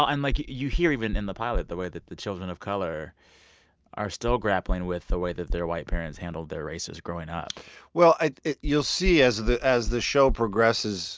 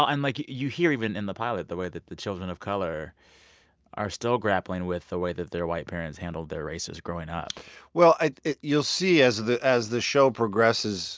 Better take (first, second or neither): second